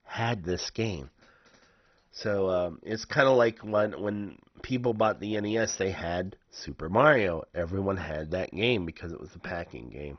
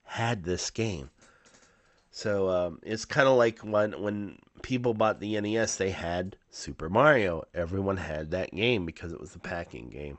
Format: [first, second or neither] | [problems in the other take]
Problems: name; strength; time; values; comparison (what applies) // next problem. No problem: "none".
second | garbled, watery; badly; nothing above 6 kHz; slightly in the second